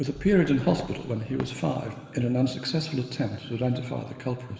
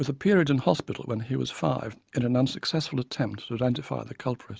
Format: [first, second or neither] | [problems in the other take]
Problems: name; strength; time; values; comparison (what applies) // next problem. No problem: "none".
second | background sound (Fireworks); 17 dB below the speech // room echo; dies away in 2.7 s